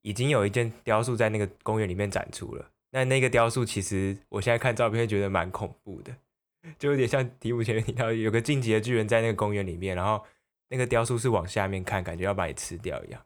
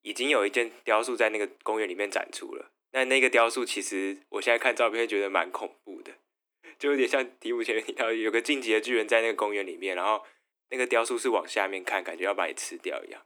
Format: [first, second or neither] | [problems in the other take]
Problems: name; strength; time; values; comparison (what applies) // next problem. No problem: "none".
first | thin; somewhat; fading below 250 Hz